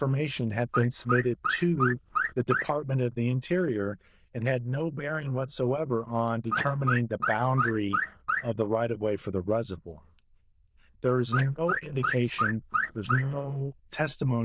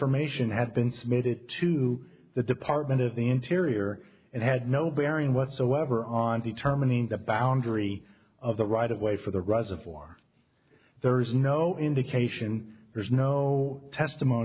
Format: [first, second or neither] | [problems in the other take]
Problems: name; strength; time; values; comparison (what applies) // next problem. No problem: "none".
second | noise reduction (neural diffusion model UNIVERSE++)